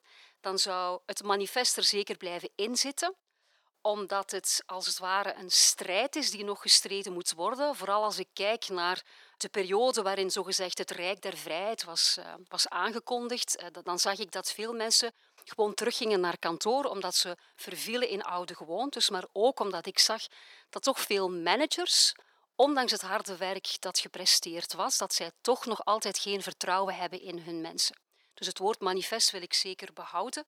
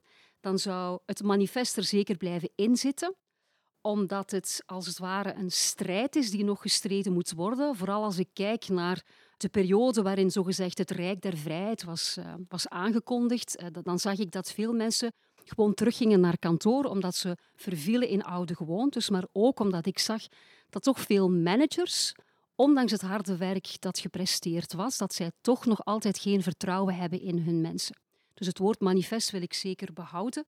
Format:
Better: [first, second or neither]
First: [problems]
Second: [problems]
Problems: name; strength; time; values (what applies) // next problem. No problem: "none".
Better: second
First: thin; very; fading below 650 Hz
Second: none